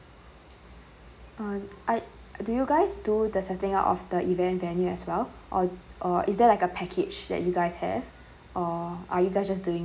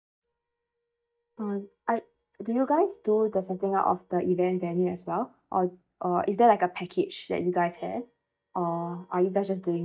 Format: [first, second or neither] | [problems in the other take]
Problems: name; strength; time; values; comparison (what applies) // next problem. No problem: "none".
first | noise reduction (neural mask model DeepFilterNet 3)